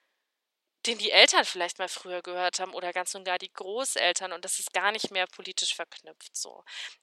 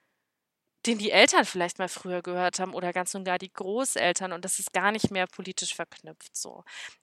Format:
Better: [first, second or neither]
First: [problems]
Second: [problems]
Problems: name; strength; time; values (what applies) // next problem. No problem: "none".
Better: second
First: thin; somewhat; fading below 450 Hz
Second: none